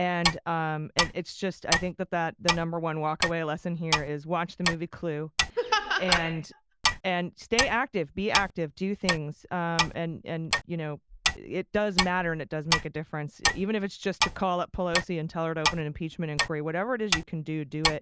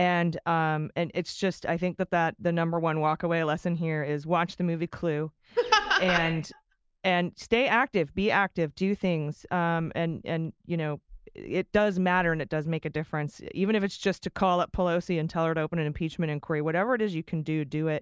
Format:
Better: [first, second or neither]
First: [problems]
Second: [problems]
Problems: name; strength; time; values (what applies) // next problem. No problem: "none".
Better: second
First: background sound (Clock); 2 dB below the speech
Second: none